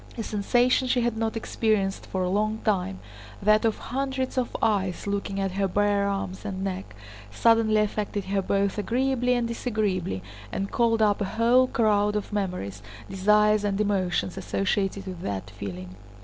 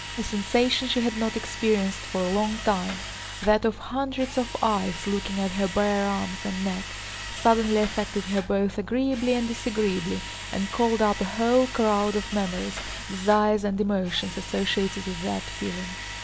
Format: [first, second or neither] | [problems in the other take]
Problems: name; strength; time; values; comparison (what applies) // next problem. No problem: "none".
first | background sound (Drill); 11 dB below the speech